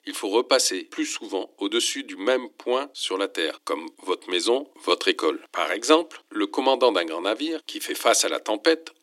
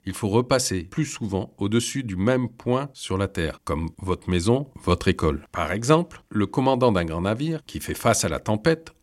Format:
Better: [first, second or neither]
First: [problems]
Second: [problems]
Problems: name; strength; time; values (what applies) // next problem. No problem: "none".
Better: second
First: thin; somewhat; fading below 300 Hz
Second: none